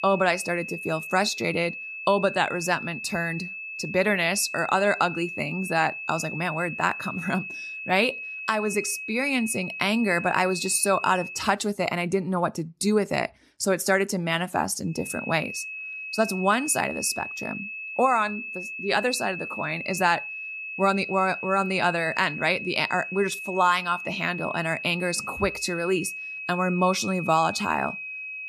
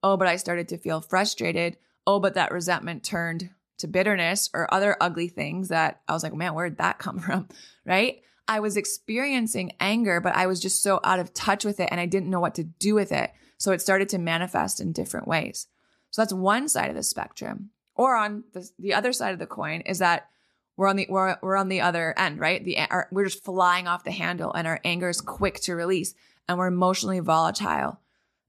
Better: second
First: high-pitched whine; loud; until 11 s and from 15 s on; 2.5 kHz, 8 dB below the speech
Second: none

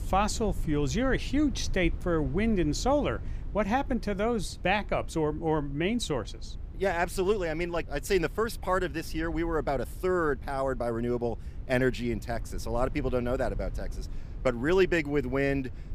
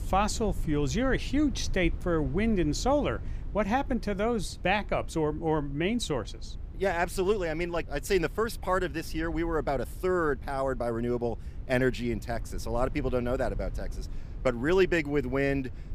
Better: neither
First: low rumble; faint; throughout; 25 dB below the speech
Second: low rumble; faint; throughout; 25 dB below the speech

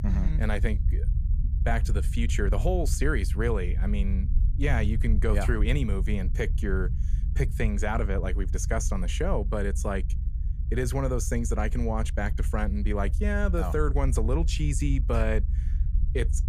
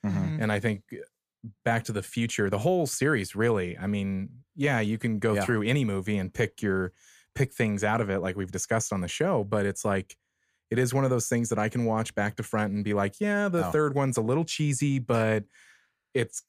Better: second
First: low rumble; noticeable; throughout; 15 dB below the speech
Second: none

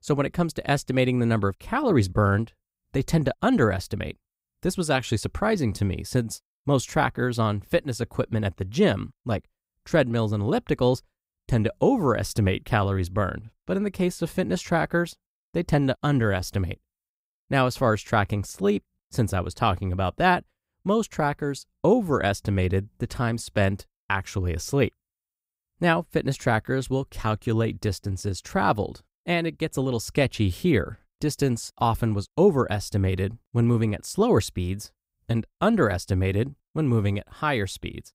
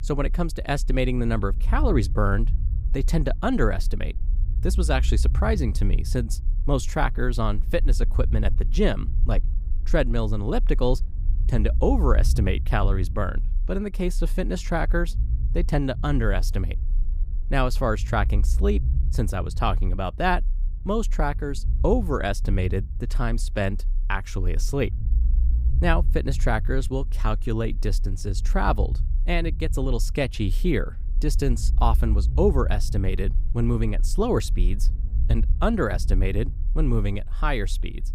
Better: first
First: none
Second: low rumble; noticeable; throughout; 20 dB below the speech

